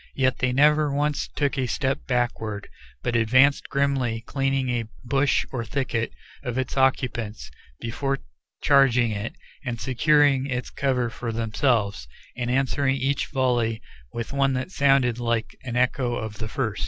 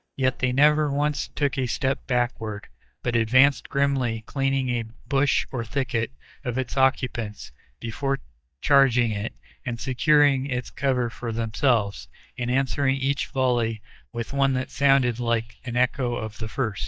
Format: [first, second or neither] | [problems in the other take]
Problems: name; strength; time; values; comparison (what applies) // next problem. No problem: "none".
first | noise reduction (neural mask model DeepFilterNet 3)